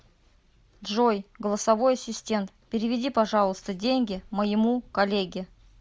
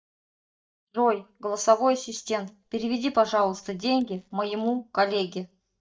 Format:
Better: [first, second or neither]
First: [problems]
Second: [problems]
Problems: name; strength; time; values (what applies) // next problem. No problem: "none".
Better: first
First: none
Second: noise reduction (neural mask model DeepFilterNet 3)